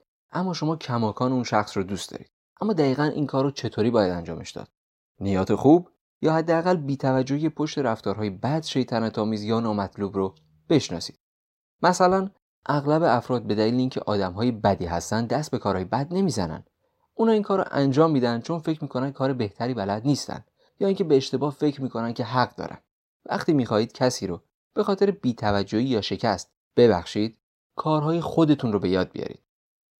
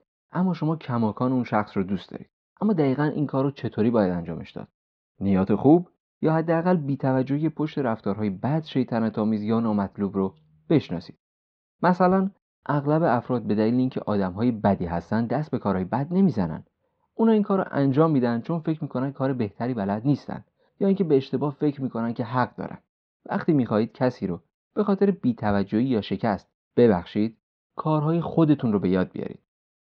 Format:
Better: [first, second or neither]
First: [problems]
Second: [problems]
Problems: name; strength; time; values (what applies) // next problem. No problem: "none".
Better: first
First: none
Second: muffled; slightly; fading above 3 kHz